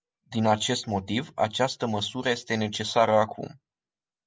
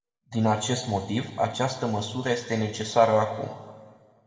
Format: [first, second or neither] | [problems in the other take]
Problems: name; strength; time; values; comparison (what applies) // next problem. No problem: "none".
first | room echo; dies away in 1.6 s